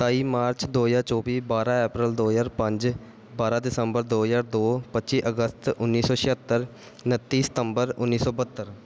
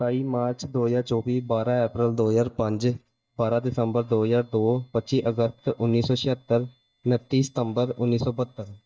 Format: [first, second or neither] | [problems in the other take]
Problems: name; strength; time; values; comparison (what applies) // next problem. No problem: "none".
first | noise reduction (neural mask model DeepFilterNet 3)